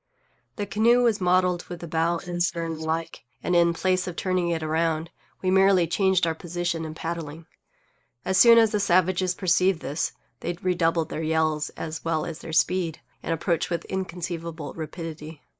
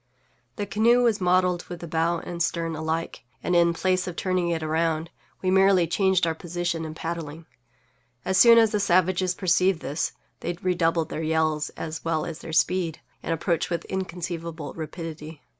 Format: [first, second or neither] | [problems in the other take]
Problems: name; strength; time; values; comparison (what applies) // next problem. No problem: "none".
second | noise reduction (neural mask model Resemble Enhance denoiser)